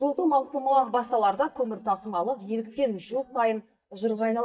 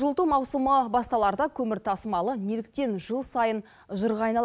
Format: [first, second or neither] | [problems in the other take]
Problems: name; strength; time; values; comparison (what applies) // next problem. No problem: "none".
second | noise reduction (neural mask model DeepFilterNet 3)